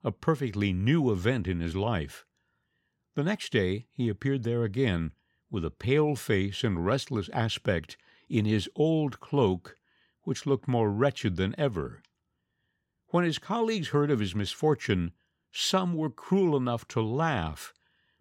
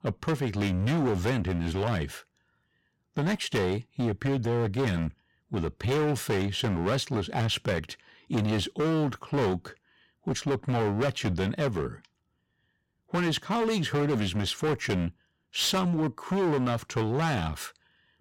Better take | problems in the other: first | distortion; heavy; 17% of the sound clipped

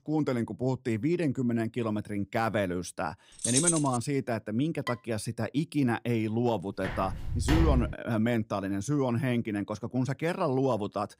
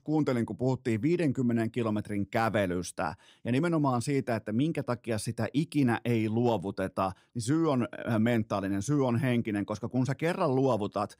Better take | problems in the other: second | jangling keys; loud; at 3.5 s; peak 5 dB above the speech // clattering dishes; faint; at 5 s; peak 10 dB below the speech // footsteps; loud; from 7 to 8 s; peak 3 dB above the speech

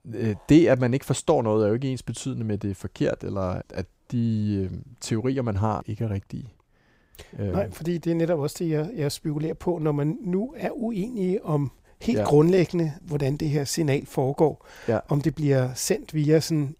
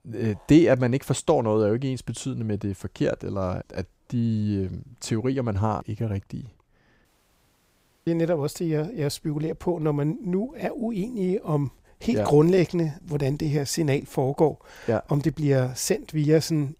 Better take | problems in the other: first | audio cutting out; at 7 s for 1 s

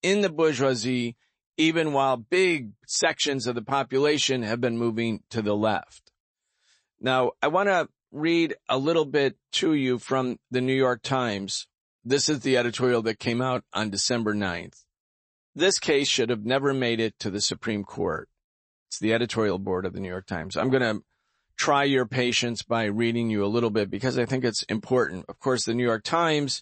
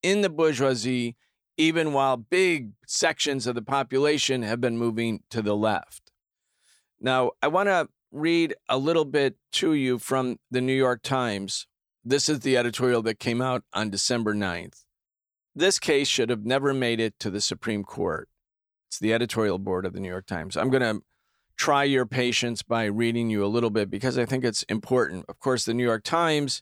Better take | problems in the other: second | garbled, watery; slightly; nothing above 8 kHz

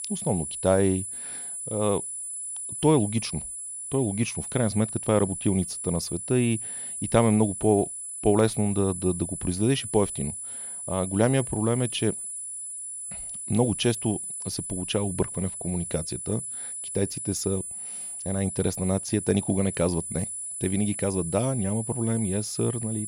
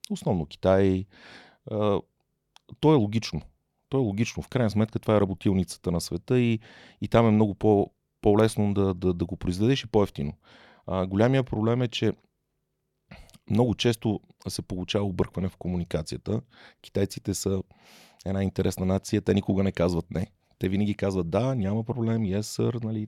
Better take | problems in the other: second | high-pitched whine; loud; throughout; 10 kHz, 6 dB below the speech

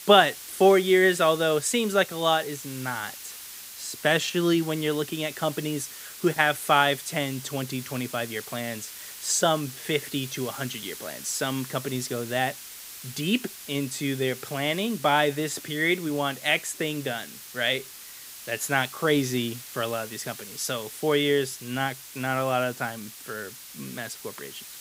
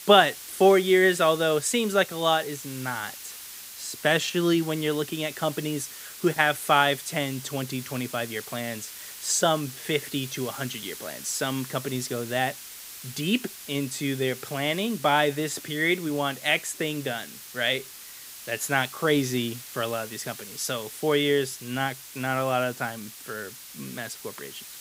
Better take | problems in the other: neither | hiss; noticeable; throughout; 15 dB below the speech; the same in both

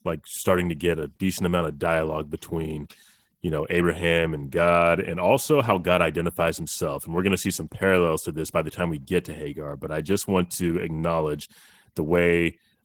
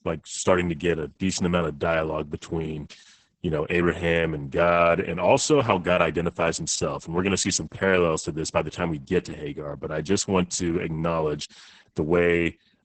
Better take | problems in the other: first | garbled, watery; badly; nothing above 8 kHz; slightly in the first

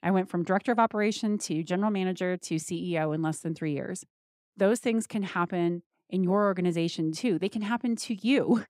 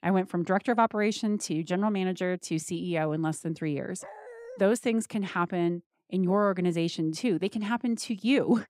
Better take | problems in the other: first | dog barking; faint; at 4 s; peak 15 dB below the speech

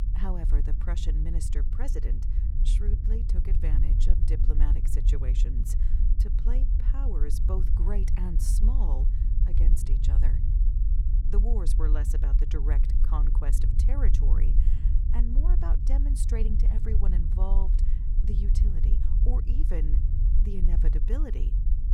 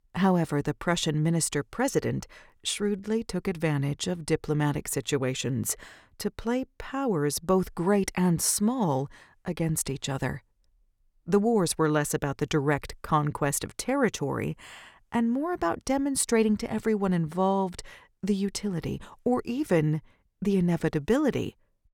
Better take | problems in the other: second | low rumble; loud; throughout; 4 dB below the speech

